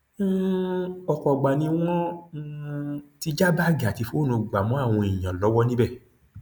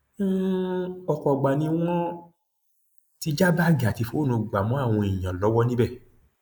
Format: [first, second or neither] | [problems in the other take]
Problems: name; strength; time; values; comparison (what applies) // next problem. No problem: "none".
first | noise reduction (neural mask model Resemble Enhance denoiser)